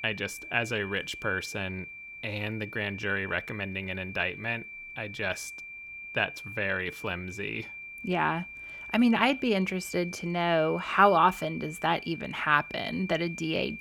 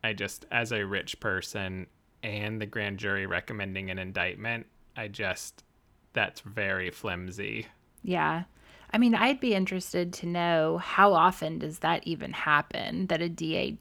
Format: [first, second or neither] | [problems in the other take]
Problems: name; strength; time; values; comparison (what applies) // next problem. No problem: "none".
second | high-pitched whine; noticeable; throughout; 2.5 kHz, 10 dB below the speech